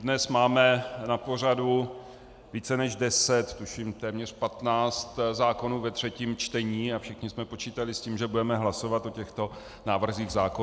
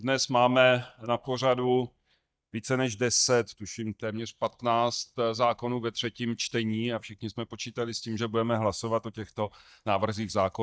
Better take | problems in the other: first | noise reduction (neural mask model DeepFilterNet 3)

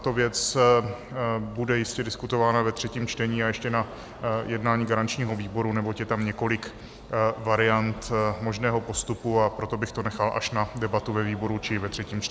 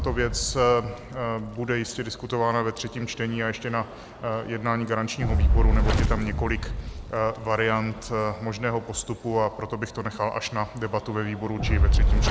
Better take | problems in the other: first | background sound (Fire); as loud as the speech

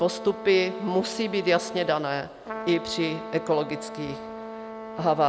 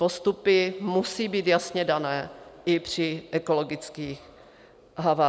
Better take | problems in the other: second | background sound (Trumpet); 11 dB below the speech

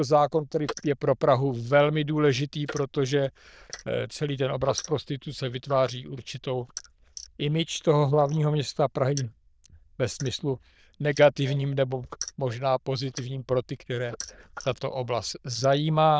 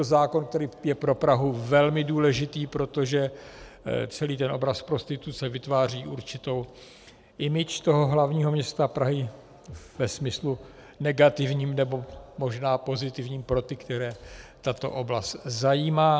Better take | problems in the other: second | noise reduction (neural diffusion model UNIVERSE++)

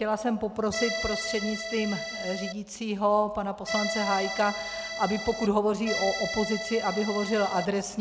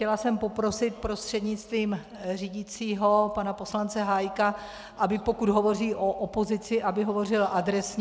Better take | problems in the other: second | background sound (Accordion); 5 dB below the speech

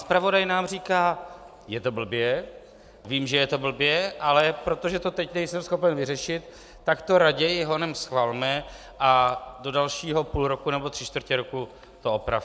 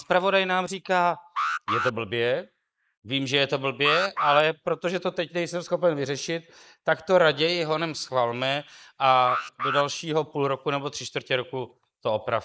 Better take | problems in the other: first | noise reduction (neural mask model Resemble Enhance denoiser)

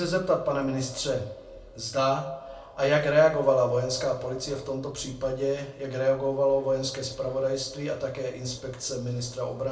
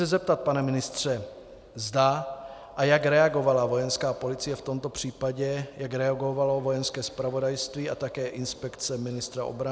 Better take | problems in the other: second | room echo; dies away in 0.3 s

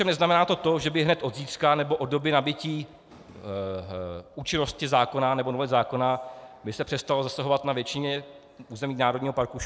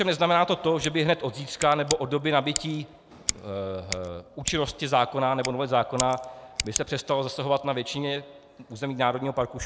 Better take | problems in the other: first | background sound (Scissors); 11 dB below the speech

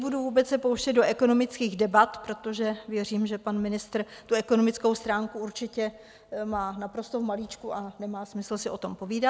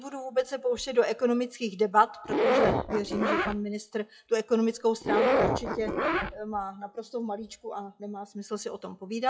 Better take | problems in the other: first | noise reduction (classical method WPE with log-MMSE)

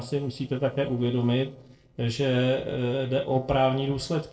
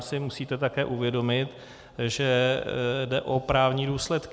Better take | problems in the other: second | noise reduction (neural separator model SepFormer DNS4)

